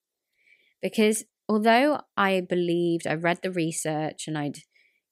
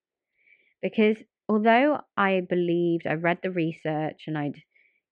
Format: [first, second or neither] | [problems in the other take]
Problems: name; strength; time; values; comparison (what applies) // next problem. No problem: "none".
first | muffled; very; fading above 2.5 kHz